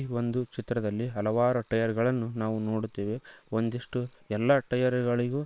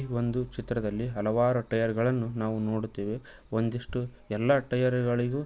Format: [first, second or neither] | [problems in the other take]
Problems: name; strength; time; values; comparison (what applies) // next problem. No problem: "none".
second | noise reduction (neural separator model SepFormer WHAM!)